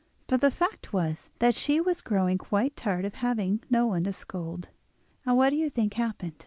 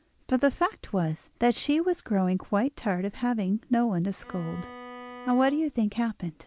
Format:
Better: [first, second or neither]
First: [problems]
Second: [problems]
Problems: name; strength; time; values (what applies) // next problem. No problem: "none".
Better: first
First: none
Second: background sound (Bowed string instrument); 16 dB below the speech